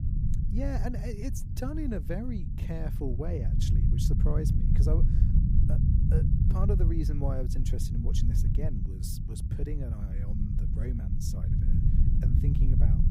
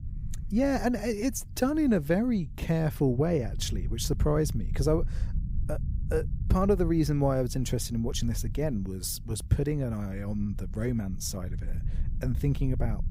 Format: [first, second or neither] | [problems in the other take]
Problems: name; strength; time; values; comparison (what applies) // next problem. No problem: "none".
second | low rumble; loud; throughout; 2 dB below the speech; faint in the second